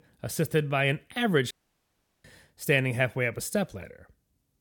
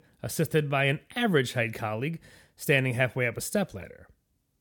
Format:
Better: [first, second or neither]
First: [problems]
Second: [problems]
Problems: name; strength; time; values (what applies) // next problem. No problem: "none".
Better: second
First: audio cutting out; at 1.5 s for 0.5 s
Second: none